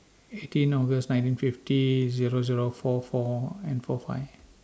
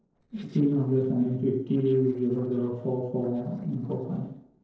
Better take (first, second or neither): first